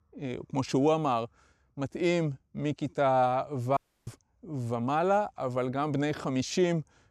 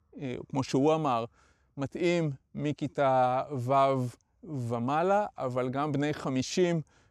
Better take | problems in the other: second | audio cutting out; at 4 s

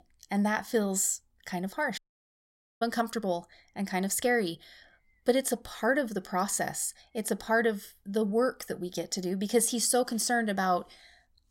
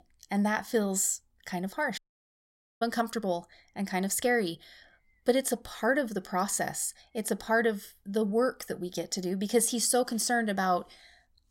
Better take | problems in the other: neither | audio cutting out; at 2 s for 1 s; the same in both

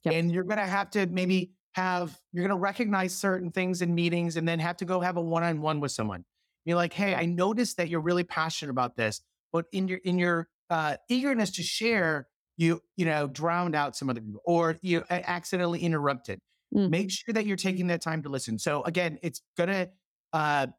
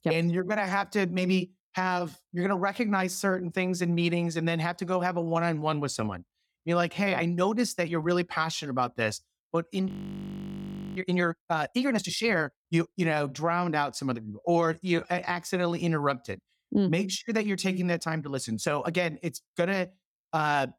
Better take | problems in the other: first | audio freezing; at 10 s for 1 s

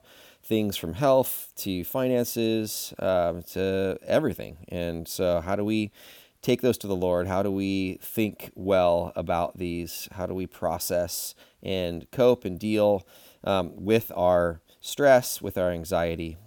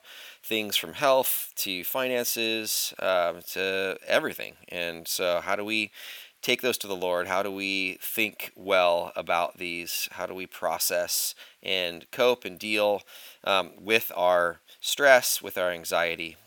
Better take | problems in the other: first | thin; somewhat; fading below 1 kHz

